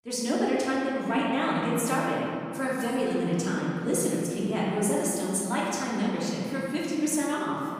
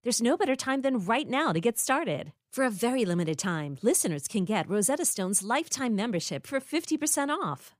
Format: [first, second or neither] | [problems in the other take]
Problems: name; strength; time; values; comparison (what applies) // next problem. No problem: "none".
second | room echo; strong; dies away in 2.7 s // off-mic speech; far